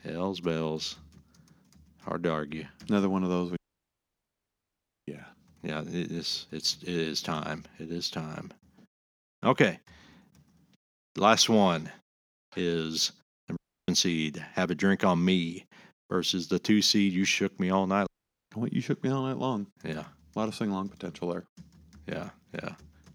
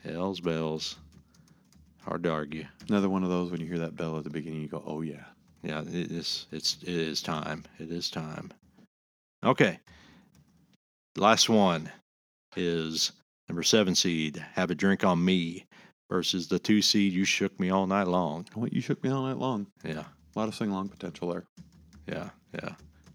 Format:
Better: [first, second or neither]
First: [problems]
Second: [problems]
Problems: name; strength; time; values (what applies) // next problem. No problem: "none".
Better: second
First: audio cutting out; at 3.5 s for 1.5 s, at 14 s and at 18 s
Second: none